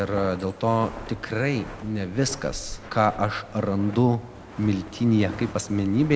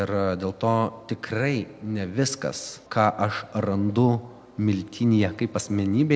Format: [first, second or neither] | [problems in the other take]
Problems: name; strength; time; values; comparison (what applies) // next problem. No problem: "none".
second | background sound (Walk, footsteps); 15 dB below the speech